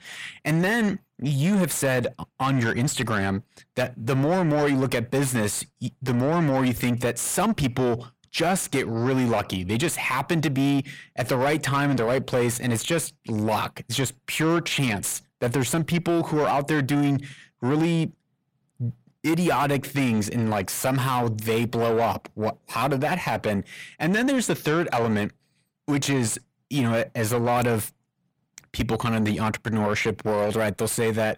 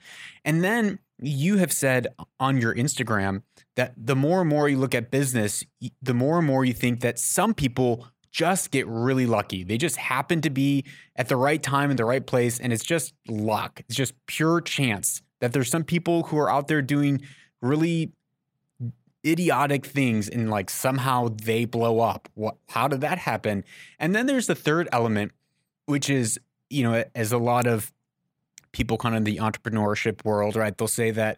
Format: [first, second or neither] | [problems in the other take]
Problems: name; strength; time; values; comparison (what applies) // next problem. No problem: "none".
second | distortion; slight; 10 dB below the speech